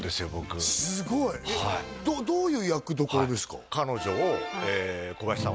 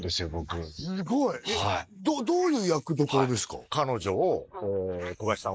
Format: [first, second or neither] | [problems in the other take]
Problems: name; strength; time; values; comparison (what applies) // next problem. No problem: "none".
first | noise reduction (neural mask model Resemble Enhance denoiser)